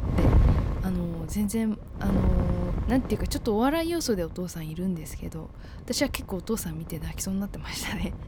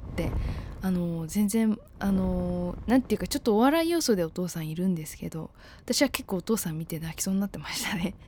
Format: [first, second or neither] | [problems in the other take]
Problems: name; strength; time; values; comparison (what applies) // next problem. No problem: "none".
second | wind noise on the microphone; heavy; 6 dB below the speech; occasional gusts in the second